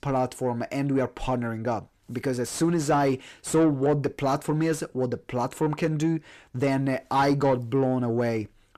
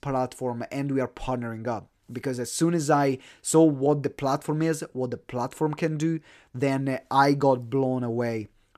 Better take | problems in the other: second | distortion; slight; 10 dB below the speech

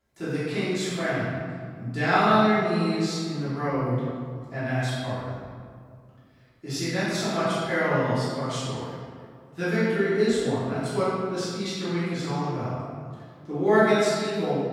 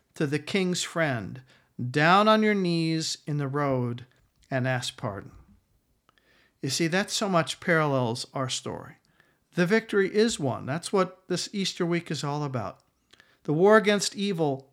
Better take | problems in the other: second | room echo; strong; dies away in 1.8 s // off-mic speech; far

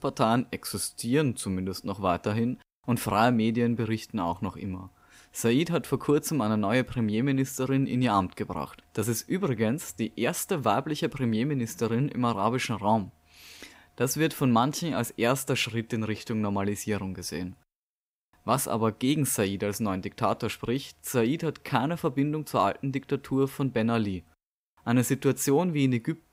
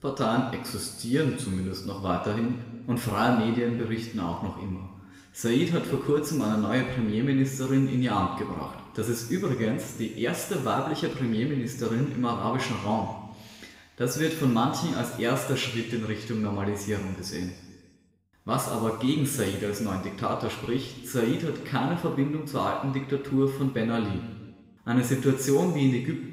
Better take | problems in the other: first | room echo; noticeable; dies away in 1.3 s // off-mic speech; somewhat distant

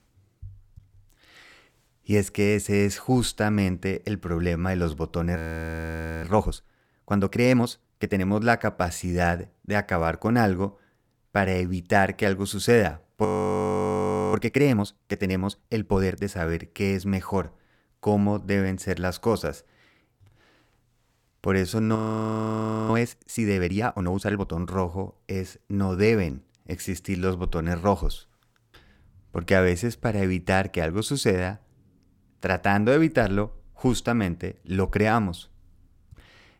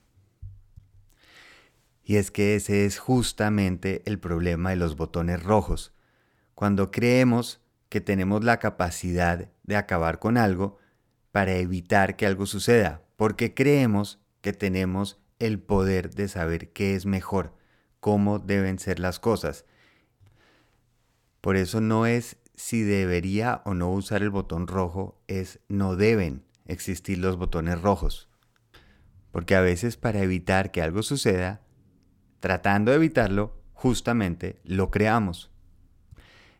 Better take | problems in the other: second | audio freezing; at 5.5 s for 1 s, at 13 s for 1 s and at 22 s for 1 s

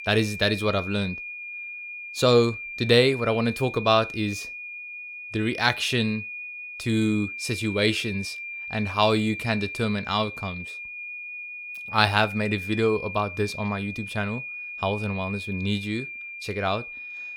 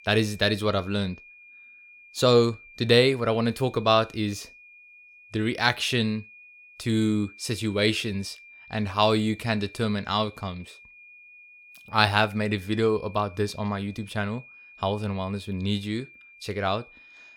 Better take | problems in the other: second | high-pitched whine; loud; throughout; 2.5 kHz, 9 dB below the speech; faint in the second

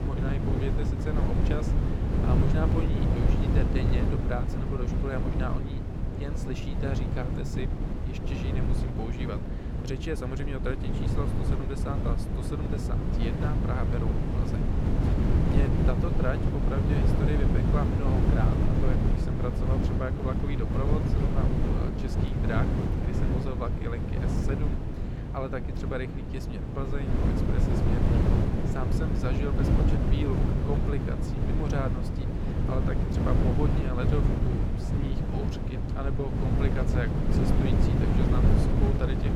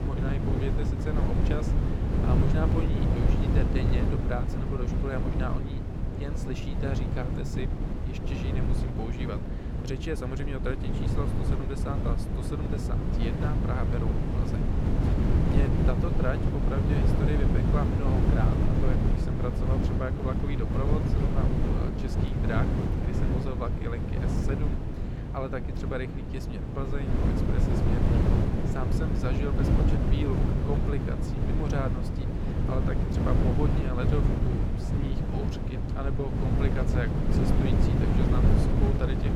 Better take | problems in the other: neither | wind noise on the microphone; heavy; 2 dB above the speech; the same in both

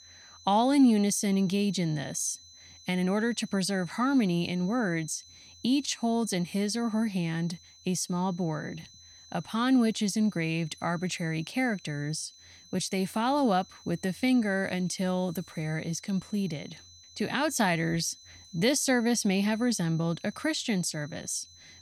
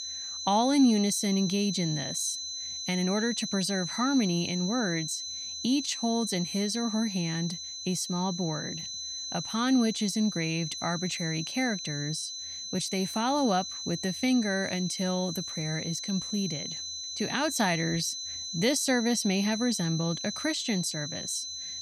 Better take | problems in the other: first | high-pitched whine; loud; throughout; 4 kHz, 5 dB below the speech; faint in the first

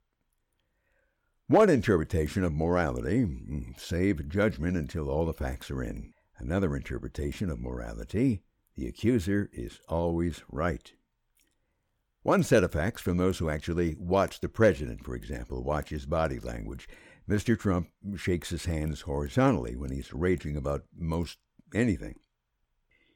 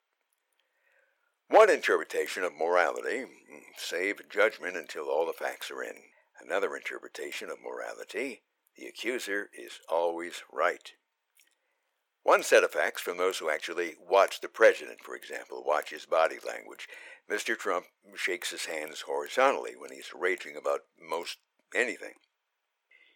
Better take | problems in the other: first | thin; very; fading below 450 Hz

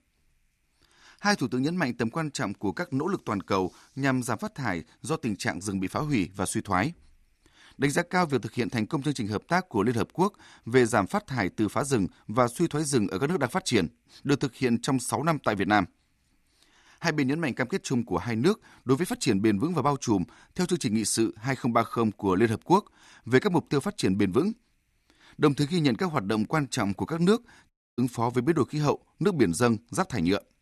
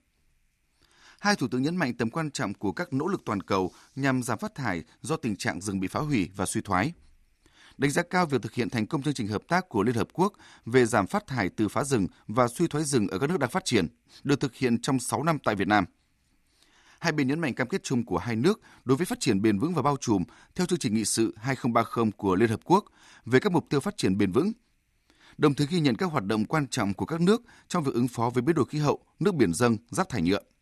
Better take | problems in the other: second | audio cutting out; at 28 s

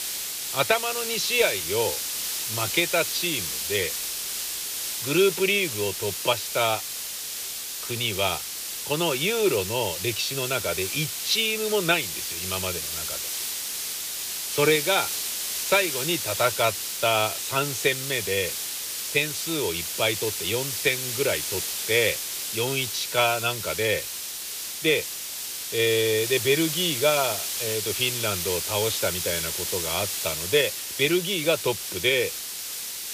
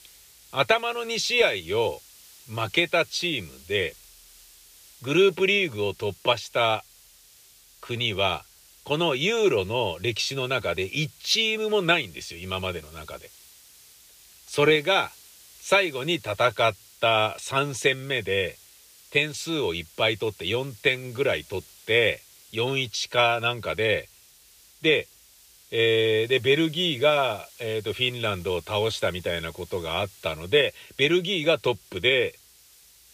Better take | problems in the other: second | hiss; loud; throughout; 3 dB below the speech; faint in the second

